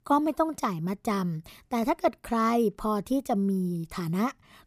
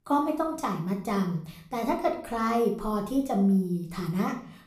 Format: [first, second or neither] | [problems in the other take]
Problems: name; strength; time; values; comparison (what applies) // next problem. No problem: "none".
first | room echo; slight; dies away in 0.5 s // off-mic speech; somewhat distant